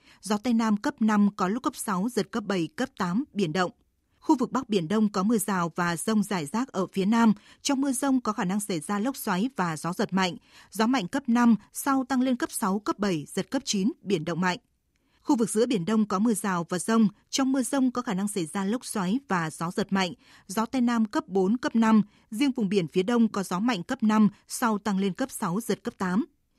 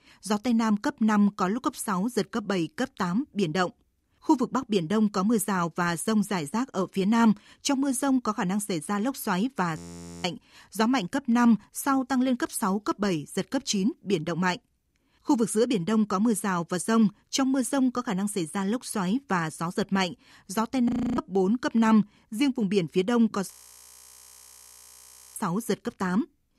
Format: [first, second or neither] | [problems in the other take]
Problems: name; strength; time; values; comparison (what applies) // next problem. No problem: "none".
first | audio freezing; at 10 s, at 21 s and at 24 s for 2 s